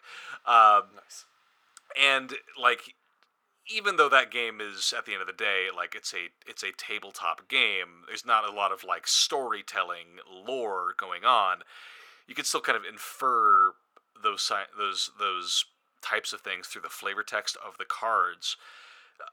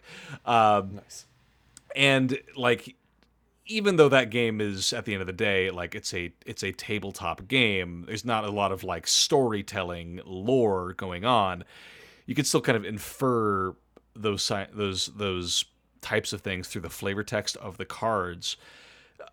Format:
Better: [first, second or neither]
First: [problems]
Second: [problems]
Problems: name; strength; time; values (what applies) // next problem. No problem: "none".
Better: second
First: thin; very; fading below 600 Hz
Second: none